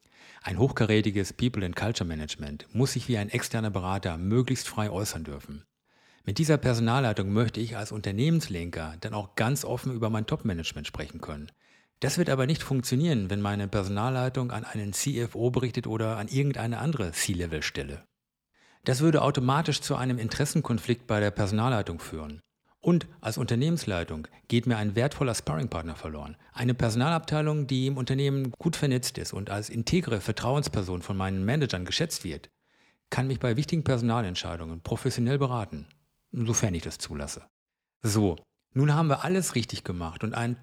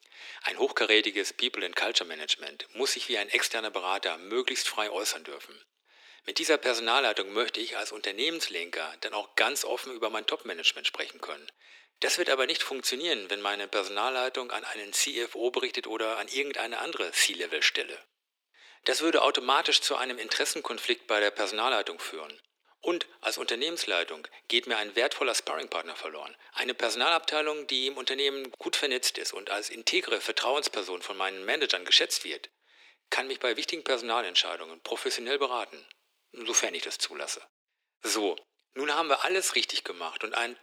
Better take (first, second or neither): first